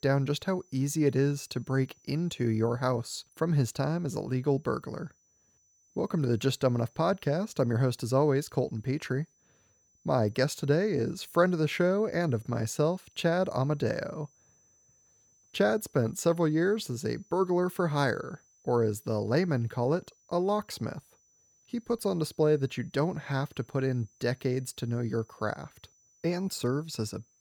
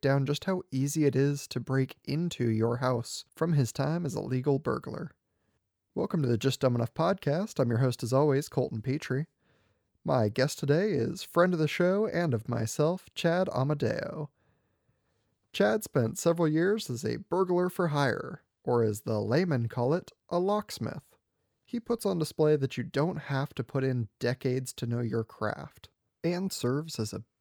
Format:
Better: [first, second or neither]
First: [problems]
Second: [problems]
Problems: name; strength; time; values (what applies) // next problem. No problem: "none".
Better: second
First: high-pitched whine; faint; throughout; 6 kHz, 35 dB below the speech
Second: none